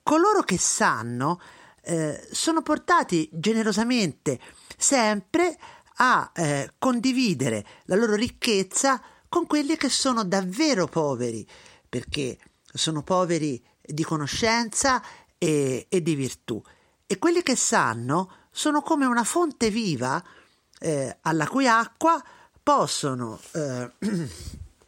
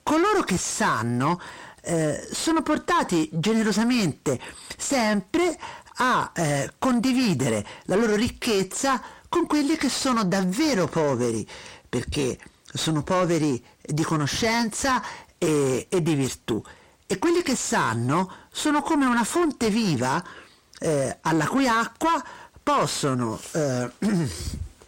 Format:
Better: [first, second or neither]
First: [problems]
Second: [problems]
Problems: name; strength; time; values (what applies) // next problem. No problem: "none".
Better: first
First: none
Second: distortion; heavy; 7 dB below the speech